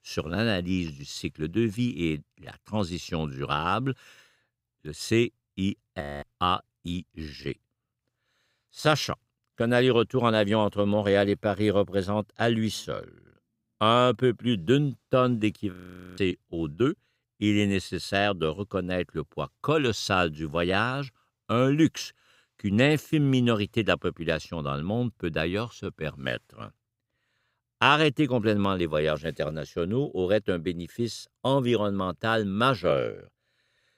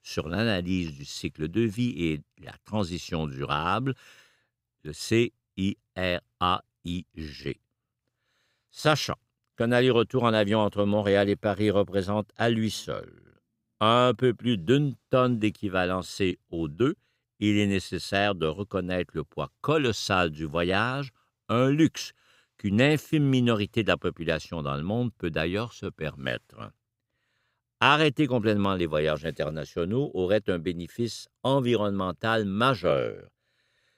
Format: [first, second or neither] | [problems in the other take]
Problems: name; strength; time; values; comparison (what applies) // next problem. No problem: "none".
second | audio freezing; at 6 s and at 16 s